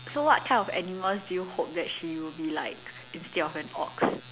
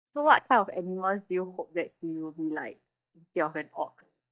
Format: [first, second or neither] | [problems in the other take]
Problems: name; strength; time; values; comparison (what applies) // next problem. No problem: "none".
first | noise reduction (neural mask model DeepFilterNet 3)